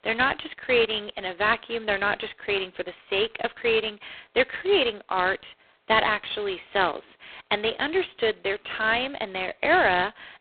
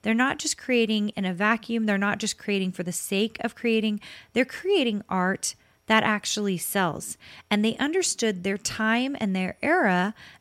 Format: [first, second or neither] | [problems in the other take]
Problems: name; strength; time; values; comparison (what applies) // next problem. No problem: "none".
second | phone-call audio; poor line; nothing above 3.5 kHz